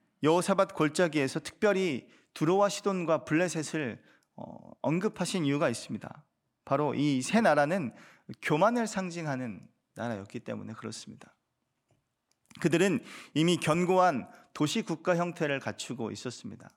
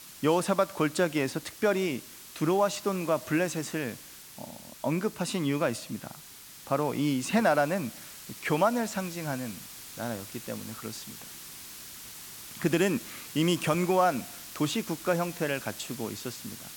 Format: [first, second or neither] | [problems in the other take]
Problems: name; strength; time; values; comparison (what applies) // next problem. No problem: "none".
first | hiss; noticeable; throughout; 15 dB below the speech